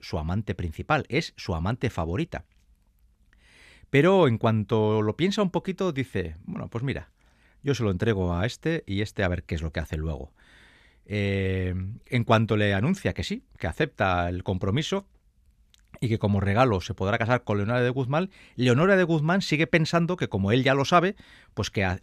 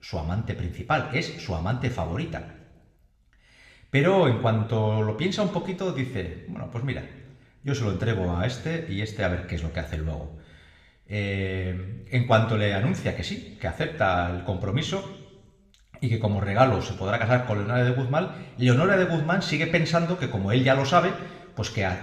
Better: first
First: none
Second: room echo; slight; dies away in 0.9 s

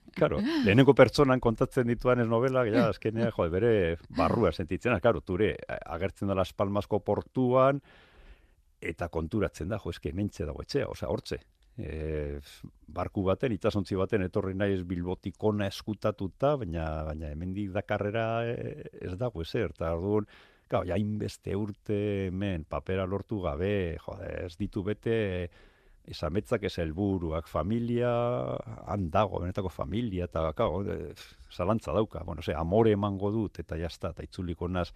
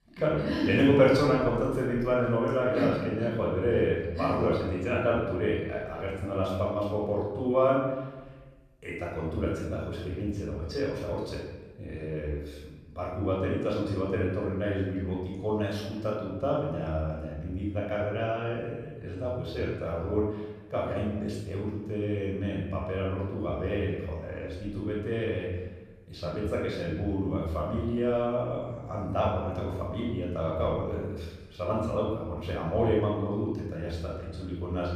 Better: first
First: none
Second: off-mic speech; far // room echo; noticeable; dies away in 1 s

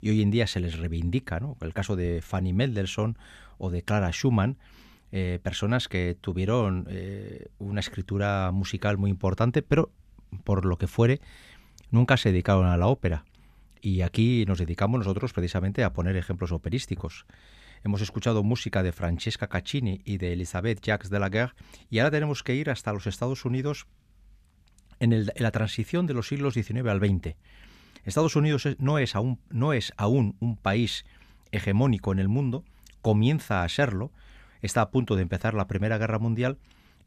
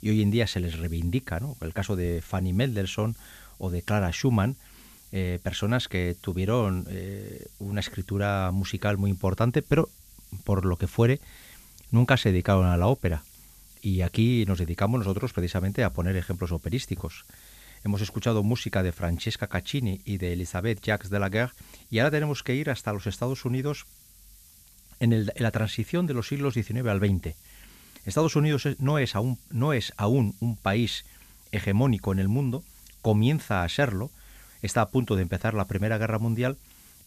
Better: first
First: none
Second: hiss; faint; throughout; 25 dB below the speech

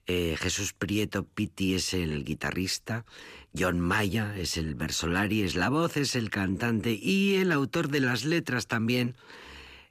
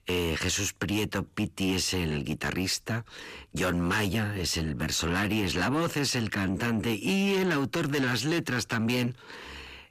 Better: first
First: none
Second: distortion; slight; 10 dB below the speech

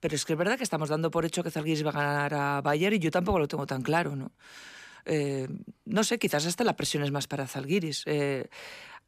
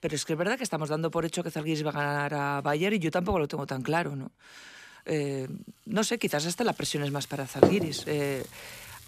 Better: first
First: none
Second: household noises; very faint; throughout; 1 dB above the speech

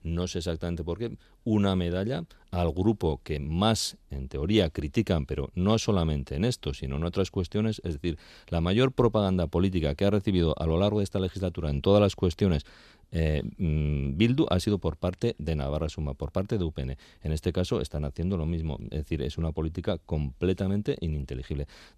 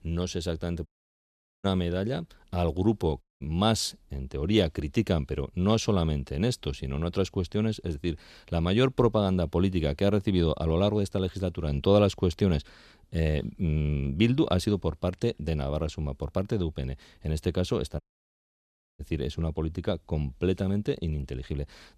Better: first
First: none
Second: audio cutting out; at 1 s for 1 s, at 3 s and at 18 s for 1 s

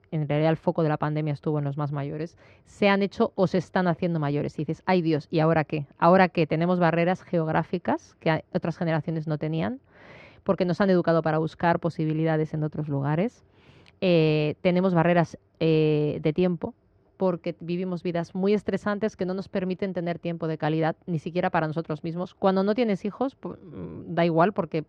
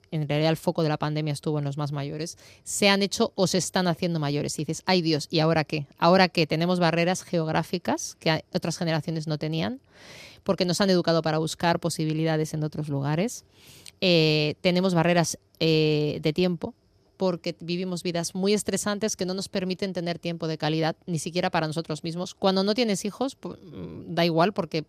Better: second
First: muffled; very; fading above 1.5 kHz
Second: none

